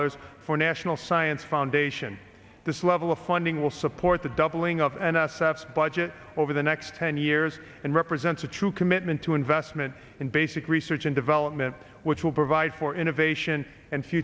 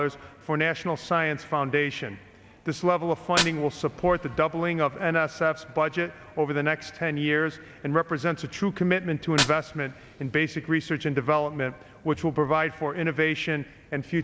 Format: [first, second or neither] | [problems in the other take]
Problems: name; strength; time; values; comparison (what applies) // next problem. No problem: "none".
first | background sound (Fire); 13 dB below the speech